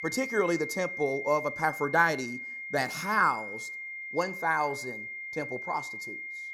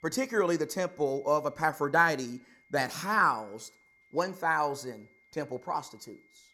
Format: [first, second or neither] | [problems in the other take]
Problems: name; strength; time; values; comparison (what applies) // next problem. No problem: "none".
second | high-pitched whine; loud; throughout; 2 kHz, 7 dB below the speech; faint in the second